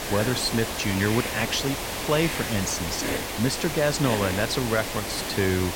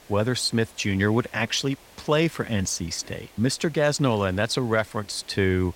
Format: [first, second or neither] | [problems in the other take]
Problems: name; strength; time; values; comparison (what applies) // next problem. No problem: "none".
second | hiss; loud; throughout; 3 dB below the speech; faint in the second